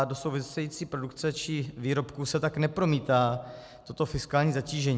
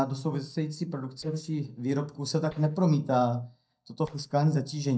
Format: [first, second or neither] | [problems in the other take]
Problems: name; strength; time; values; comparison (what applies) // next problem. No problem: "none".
first | noise reduction (neural mask model DeepFilterNet 3)